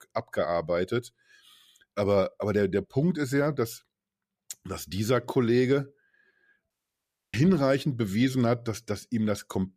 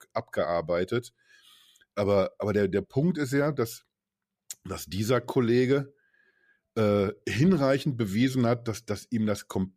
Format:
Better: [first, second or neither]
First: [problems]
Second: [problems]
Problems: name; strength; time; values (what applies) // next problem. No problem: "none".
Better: second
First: audio cutting out; at 6.5 s for 0.5 s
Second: none